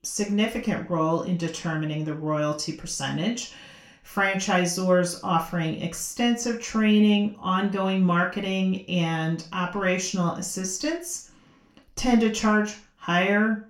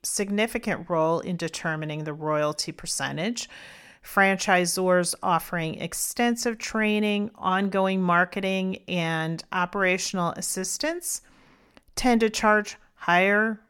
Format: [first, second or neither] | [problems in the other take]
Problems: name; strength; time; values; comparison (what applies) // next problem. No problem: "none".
second | room echo; slight; dies away in 0.3 s // off-mic speech; somewhat distant